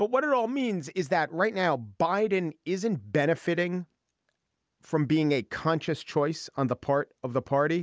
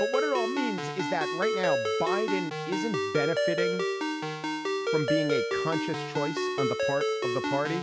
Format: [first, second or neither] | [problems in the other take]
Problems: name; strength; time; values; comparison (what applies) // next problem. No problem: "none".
first | background sound (Ringtone); 3 dB above the speech